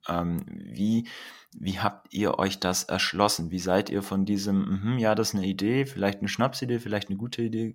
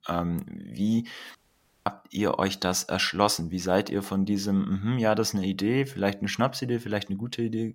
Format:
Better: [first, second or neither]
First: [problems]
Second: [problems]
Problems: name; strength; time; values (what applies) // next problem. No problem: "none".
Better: first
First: none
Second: audio cutting out; at 1.5 s for 0.5 s